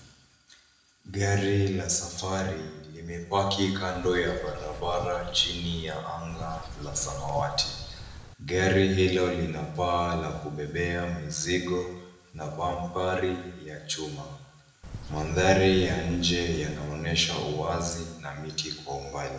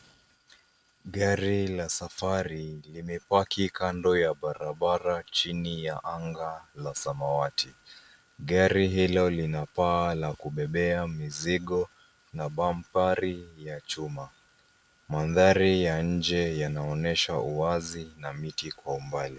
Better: second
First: background sound (Bird); 11 dB below the speech // room echo; dies away in 0.8 s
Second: none

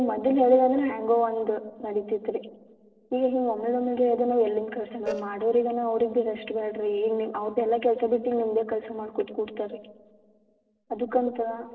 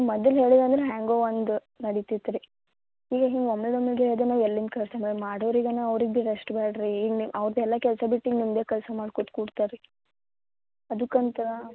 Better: second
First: noise reduction (neural separator model SepFormer DNS4)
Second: none

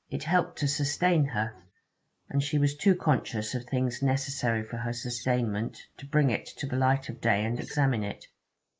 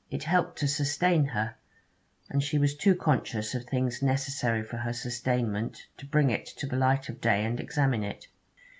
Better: second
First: noise reduction (neural mask model Resemble Enhance denoiser)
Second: none

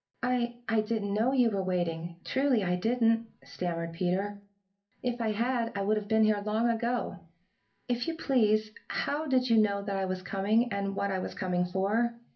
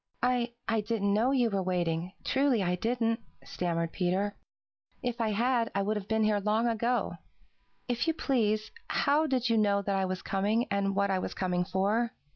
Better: second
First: room echo; dies away in 0.3 s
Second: none

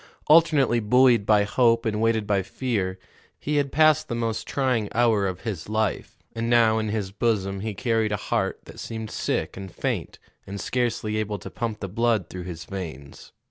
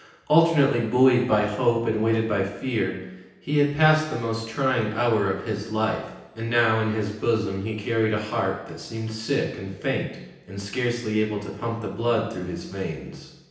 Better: first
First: none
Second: room echo; dies away in 0.9 s

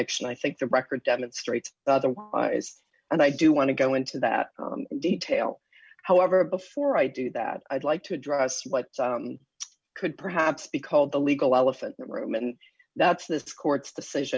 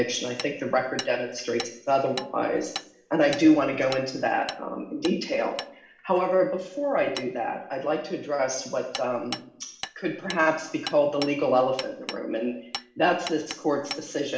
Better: first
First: none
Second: background sound (Hammer); 15 dB below the speech // room echo; dies away in 0.7 s

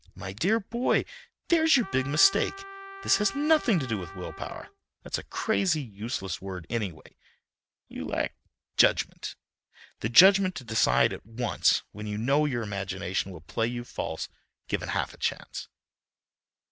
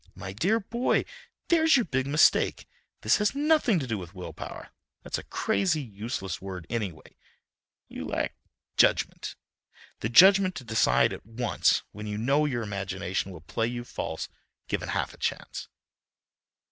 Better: second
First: background sound (Trumpet); 13 dB below the speech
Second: none

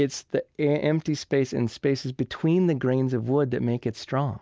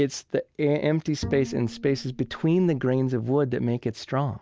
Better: first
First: none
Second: background sound (Bowed string instrument); 14 dB below the speech

